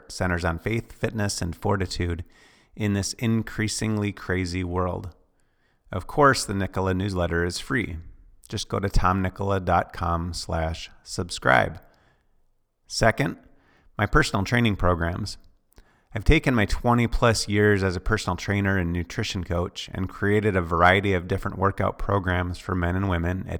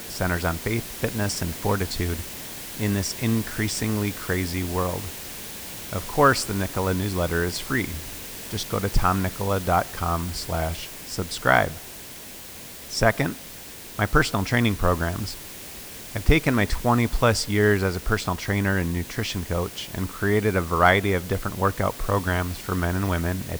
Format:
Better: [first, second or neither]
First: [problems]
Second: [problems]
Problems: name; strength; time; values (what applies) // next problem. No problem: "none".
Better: first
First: none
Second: hiss; noticeable; throughout; 10 dB below the speech